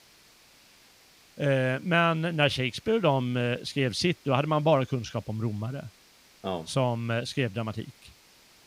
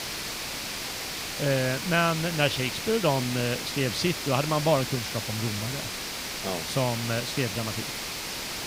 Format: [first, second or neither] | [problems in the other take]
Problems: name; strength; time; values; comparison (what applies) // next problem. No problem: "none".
first | hiss; loud; throughout; 4 dB below the speech; faint in the first